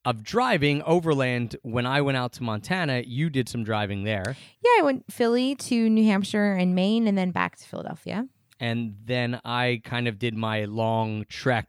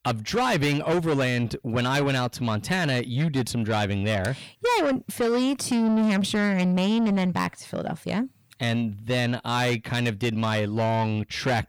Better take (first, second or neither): first